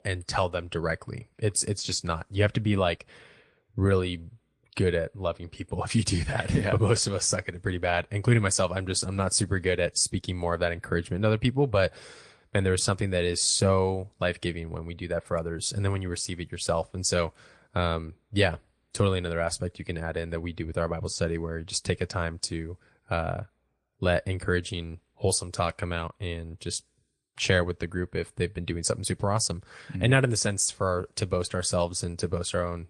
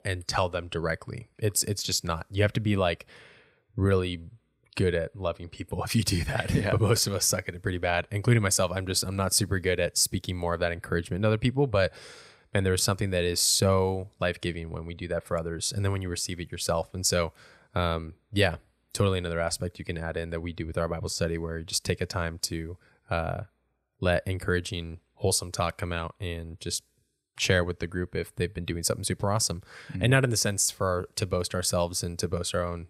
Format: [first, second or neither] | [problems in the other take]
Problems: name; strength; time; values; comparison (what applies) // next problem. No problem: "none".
second | garbled, watery; slightly; nothing above 10 kHz